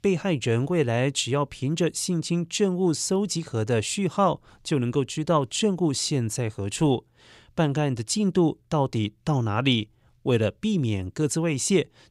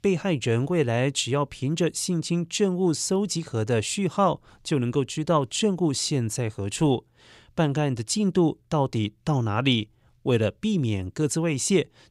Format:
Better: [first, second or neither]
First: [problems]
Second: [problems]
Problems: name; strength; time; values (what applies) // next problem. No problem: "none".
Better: neither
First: none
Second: none